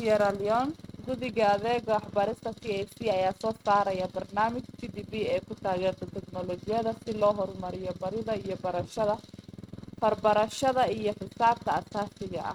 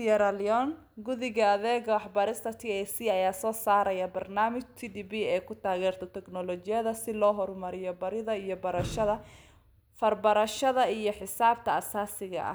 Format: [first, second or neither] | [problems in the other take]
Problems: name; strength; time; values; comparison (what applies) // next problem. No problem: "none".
second | noise reduction (neural mask model RNNoise)